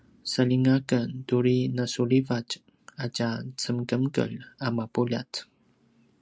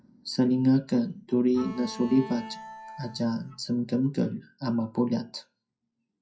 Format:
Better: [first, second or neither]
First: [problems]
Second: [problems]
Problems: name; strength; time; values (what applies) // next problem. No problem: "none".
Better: first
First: none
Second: noise reduction (classical method WPE with log-MMSE)